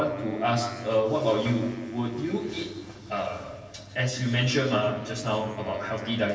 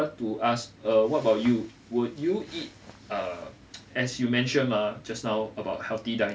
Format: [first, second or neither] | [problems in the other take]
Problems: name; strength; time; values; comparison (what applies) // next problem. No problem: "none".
second | background sound (Wind instrument, woodwind instrument); 20 dB below the speech // room echo; dies away in 1.3 s